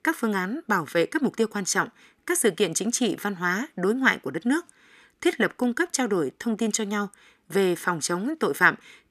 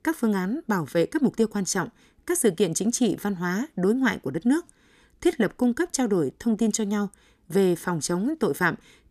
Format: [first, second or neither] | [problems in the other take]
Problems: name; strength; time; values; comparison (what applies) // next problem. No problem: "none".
second | thin; very slightly; fading below 300 Hz